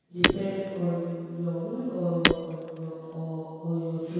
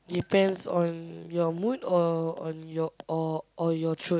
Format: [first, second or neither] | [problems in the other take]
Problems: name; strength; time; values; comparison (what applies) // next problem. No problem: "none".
second | background sound (Shatter); as loud as the speech // room echo; dies away in 2 s